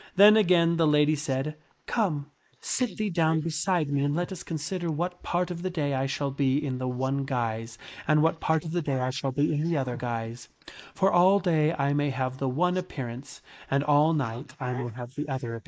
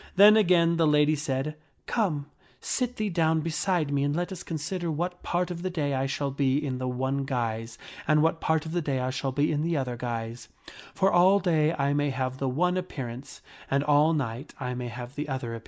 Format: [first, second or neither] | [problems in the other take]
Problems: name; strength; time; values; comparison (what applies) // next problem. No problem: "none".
second | noise reduction (neural mask model Resemble Enhance denoiser)